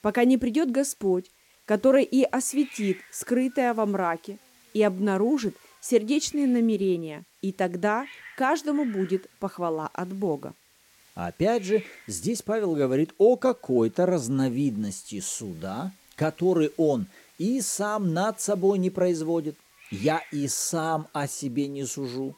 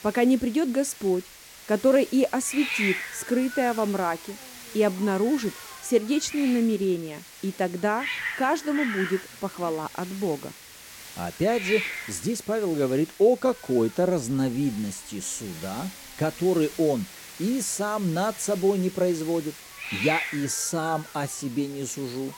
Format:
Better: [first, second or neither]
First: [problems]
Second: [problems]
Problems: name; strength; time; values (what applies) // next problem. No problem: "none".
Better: first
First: hiss; faint; throughout; 25 dB below the speech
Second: hiss; loud; throughout; 10 dB below the speech